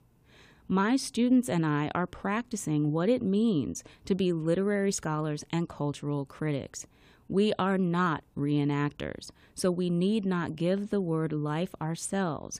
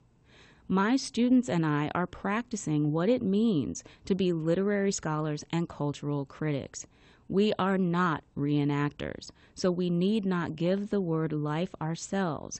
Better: first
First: none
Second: garbled, watery; slightly; nothing above 8 kHz

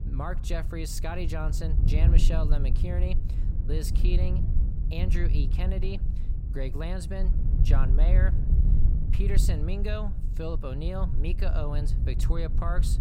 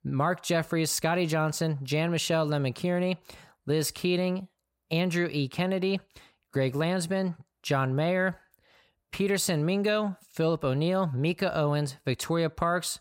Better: second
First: wind noise on the microphone; heavy; 6 dB below the speech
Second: none

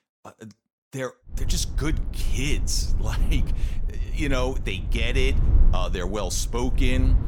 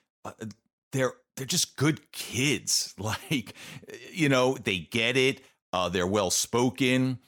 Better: second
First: low rumble; noticeable; from 1.5 s on; 15 dB below the speech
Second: none

